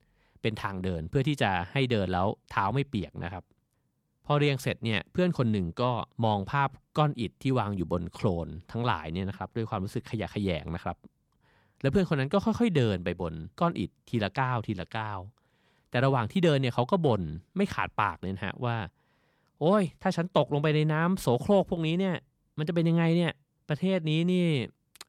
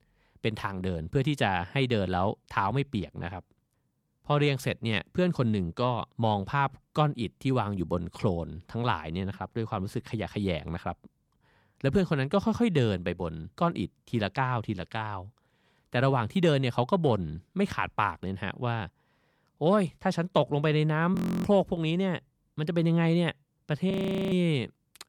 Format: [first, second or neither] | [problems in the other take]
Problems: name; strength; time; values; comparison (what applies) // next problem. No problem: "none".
first | audio freezing; at 21 s and at 24 s